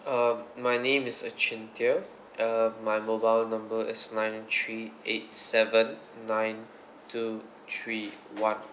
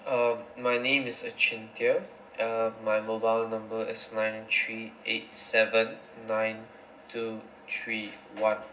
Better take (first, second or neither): first